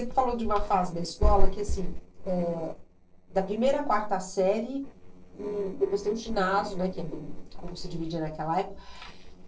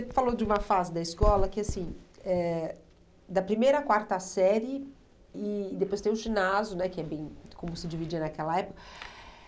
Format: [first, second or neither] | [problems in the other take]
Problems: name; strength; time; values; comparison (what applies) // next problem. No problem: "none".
second | noise reduction (neural separator model SepFormer DNS4)